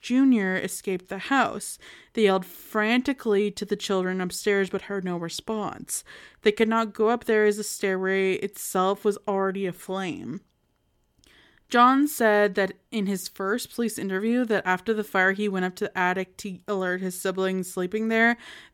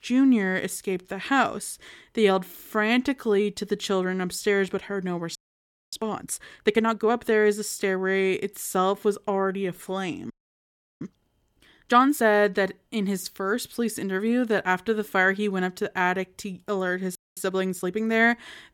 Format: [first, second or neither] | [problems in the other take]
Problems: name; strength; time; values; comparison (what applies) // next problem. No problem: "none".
first | audio freezing; at 5.5 s for 0.5 s, at 10 s for 0.5 s and at 17 s